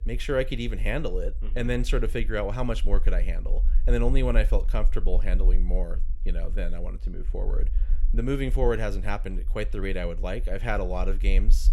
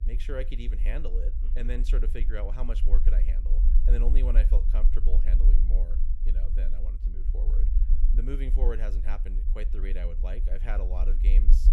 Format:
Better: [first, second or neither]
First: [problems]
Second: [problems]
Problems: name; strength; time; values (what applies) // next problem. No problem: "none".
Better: first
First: low rumble; faint; throughout; 25 dB below the speech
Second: low rumble; loud; throughout; 9 dB below the speech